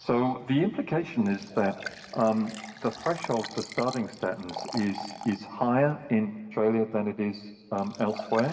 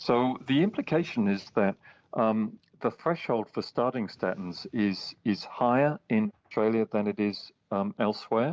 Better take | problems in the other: second | background sound (Liquid); 15 dB below the speech // room echo; dies away in 3 s

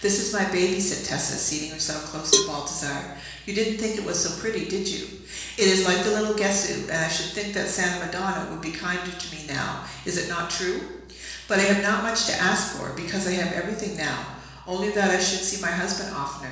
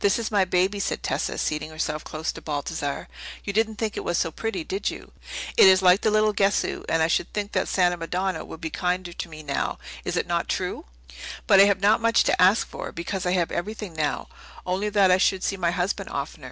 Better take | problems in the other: second | background sound (Cowbell); 3 dB below the speech // room echo; dies away in 1.1 s

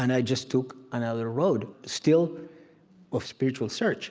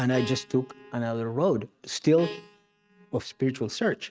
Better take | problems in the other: first | noise reduction (neural mask model RNNoise)

